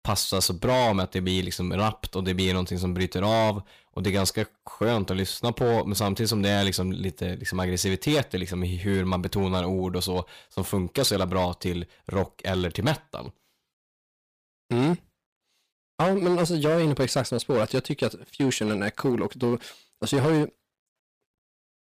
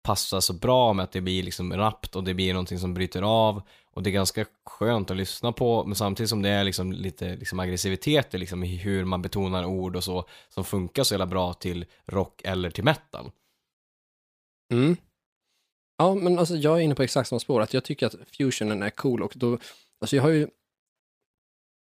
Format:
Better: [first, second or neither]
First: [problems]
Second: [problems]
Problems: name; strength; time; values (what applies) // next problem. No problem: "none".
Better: second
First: distortion; slight; 7% of the sound clipped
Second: none